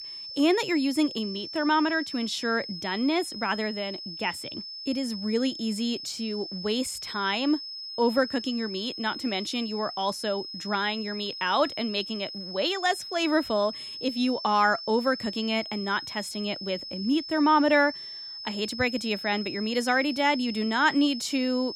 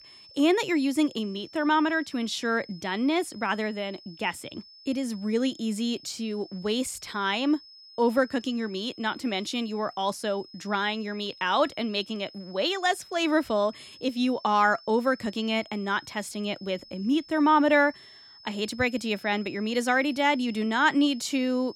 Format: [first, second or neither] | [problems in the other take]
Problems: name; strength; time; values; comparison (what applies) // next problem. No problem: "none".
second | high-pitched whine; loud; throughout; 5 kHz, 9 dB below the speech; faint in the second